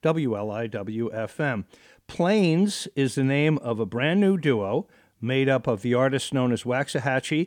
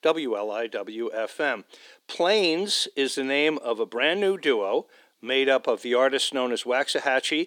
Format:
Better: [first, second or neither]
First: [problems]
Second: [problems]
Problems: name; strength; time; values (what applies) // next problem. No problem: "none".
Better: first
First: none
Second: thin; somewhat; fading below 350 Hz